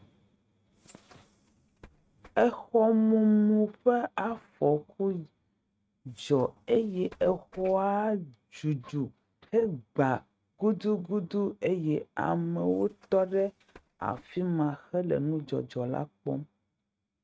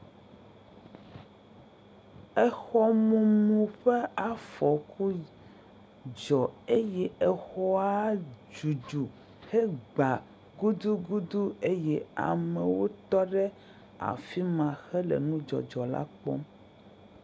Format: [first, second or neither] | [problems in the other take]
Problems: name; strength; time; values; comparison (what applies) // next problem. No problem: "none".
second | noise reduction (neural mask model RNNoise)